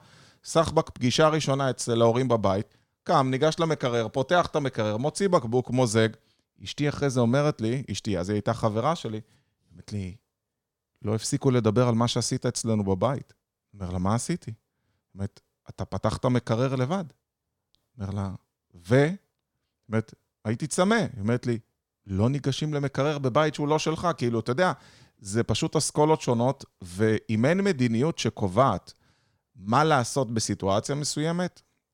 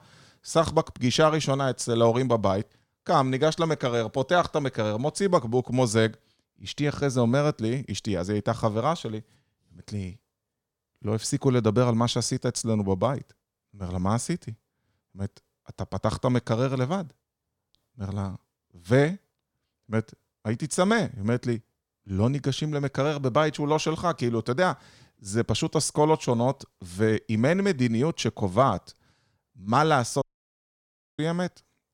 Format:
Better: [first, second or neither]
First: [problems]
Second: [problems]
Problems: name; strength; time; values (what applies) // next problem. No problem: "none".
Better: first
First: none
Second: audio cutting out; at 30 s for 1 s